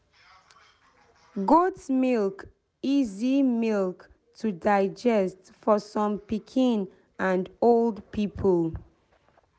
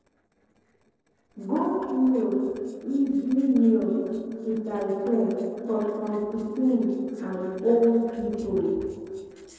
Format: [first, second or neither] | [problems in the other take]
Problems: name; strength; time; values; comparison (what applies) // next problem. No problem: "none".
first | noise reduction (neural separator model SepFormer DNS4)